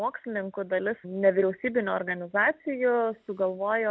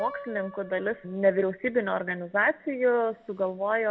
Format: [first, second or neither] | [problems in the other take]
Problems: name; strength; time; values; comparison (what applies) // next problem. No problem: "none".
first | background sound (Piano); 19 dB below the speech // room echo; dies away in 0.2 s